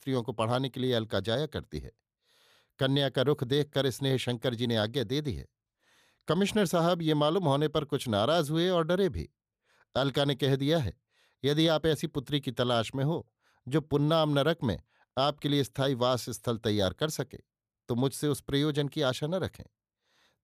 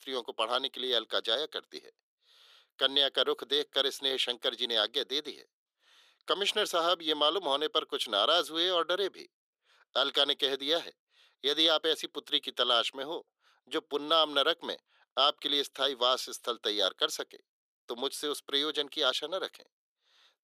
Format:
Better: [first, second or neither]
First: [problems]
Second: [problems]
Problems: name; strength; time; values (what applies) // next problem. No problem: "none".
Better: first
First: none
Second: thin; very; fading below 350 Hz